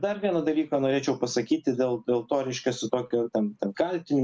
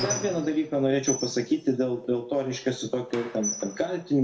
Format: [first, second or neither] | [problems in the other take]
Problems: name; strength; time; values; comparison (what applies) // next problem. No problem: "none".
first | background sound (Squeak); 10 dB below the speech // room echo; dies away in 0.6 s